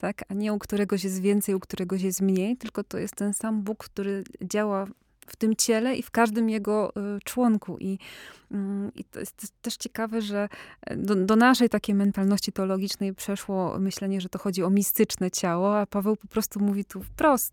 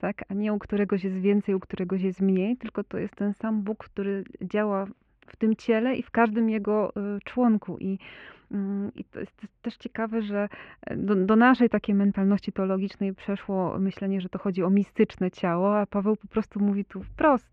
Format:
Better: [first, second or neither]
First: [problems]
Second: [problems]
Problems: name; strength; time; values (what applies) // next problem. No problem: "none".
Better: first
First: none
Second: muffled; very; fading above 2.5 kHz